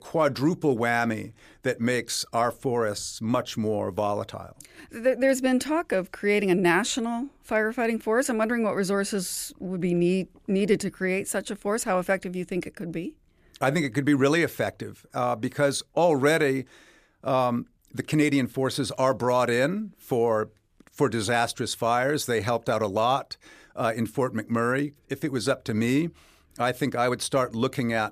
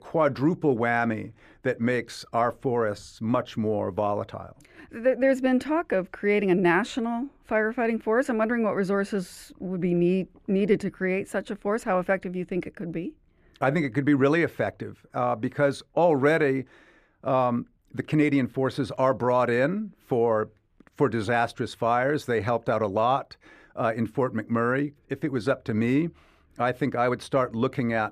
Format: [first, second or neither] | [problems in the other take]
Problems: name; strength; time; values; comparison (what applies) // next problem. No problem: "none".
first | muffled; slightly; fading above 3.5 kHz